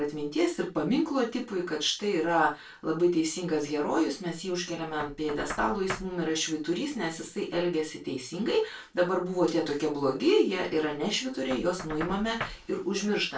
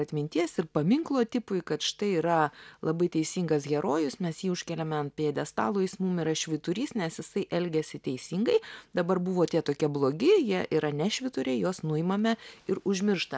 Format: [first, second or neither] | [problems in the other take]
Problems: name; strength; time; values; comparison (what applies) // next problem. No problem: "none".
second | background sound (Knock); 18 dB below the speech // room echo; dies away in 0.2 s